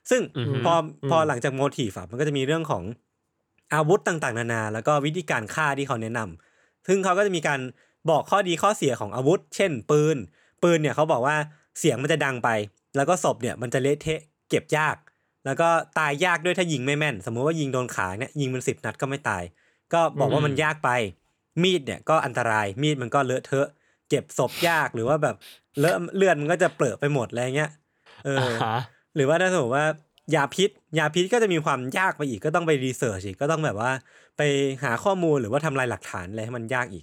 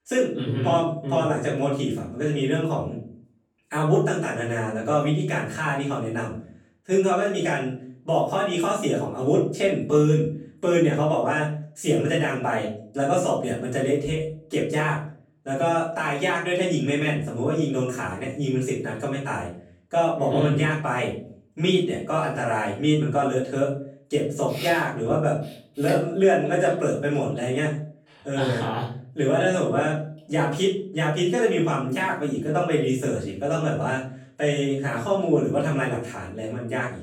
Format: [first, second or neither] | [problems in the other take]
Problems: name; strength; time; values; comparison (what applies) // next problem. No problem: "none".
first | off-mic speech; far // room echo; noticeable; dies away in 0.5 s